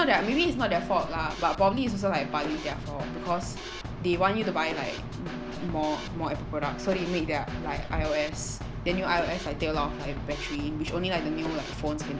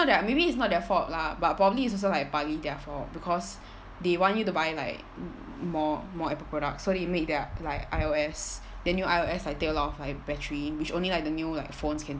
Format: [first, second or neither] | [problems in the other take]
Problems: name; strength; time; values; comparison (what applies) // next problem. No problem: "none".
second | background sound (Snare drum / Drum kit); 8 dB below the speech